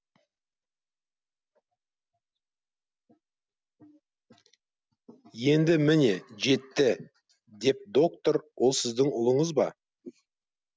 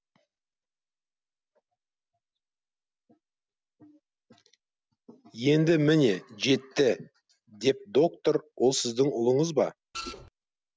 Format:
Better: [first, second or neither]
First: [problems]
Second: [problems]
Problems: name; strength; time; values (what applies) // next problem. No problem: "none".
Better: first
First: none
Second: background sound (Printer); 11 dB below the speech